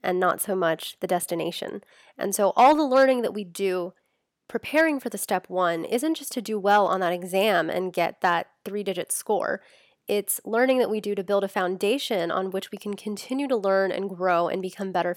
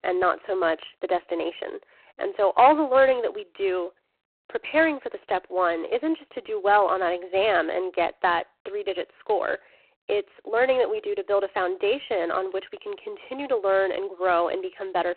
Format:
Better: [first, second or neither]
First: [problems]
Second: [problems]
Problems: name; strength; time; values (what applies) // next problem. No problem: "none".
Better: first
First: none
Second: phone-call audio; poor line; nothing above 4 kHz